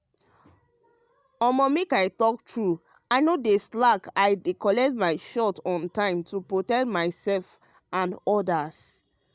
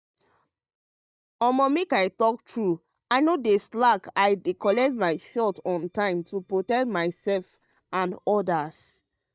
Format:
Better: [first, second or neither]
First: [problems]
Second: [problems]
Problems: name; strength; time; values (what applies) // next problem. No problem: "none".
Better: first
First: none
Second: noise reduction (neural mask model DeepFilterNet 3)